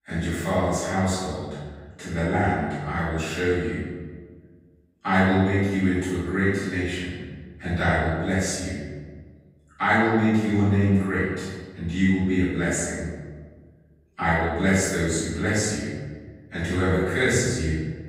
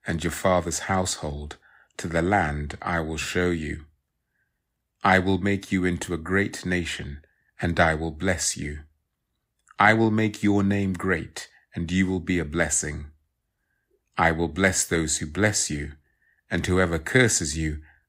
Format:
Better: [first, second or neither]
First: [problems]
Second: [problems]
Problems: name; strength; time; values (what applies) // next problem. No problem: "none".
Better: second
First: off-mic speech; far // room echo; strong; dies away in 1.3 s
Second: none